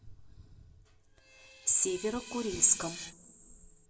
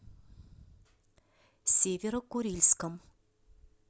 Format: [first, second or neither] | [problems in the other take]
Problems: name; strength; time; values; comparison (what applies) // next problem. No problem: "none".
second | background sound (Screech); 15 dB below the speech // room echo; dies away in 0.8 s